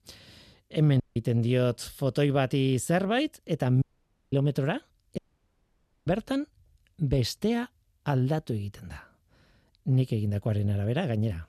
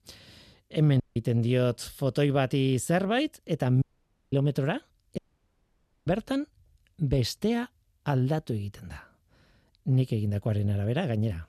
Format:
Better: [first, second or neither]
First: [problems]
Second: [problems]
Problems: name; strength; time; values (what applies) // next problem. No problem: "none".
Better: neither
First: audio cutting out; at 1 s, at 4 s for 0.5 s and at 5 s for 1 s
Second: audio cutting out; at 1 s, at 4 s for 0.5 s and at 5 s for 1 s